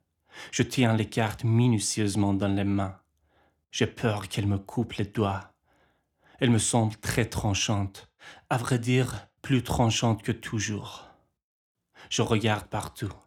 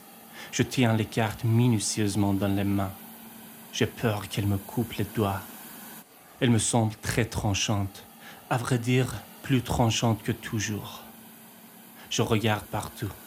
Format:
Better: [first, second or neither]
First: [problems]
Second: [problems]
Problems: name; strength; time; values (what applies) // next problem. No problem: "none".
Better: first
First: none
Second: hiss; noticeable; throughout; 20 dB below the speech